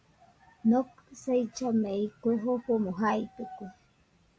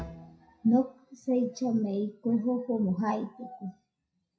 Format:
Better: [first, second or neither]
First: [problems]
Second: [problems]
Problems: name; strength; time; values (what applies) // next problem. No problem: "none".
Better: first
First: none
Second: noise reduction (classical method WPE with log-MMSE)